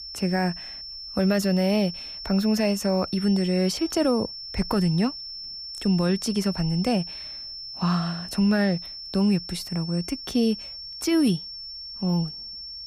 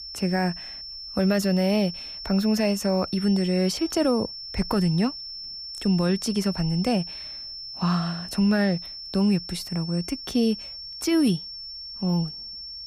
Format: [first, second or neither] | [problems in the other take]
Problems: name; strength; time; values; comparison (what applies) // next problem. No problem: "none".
neither | high-pitched whine; loud; throughout; 5.5 kHz, 10 dB below the speech; the same in both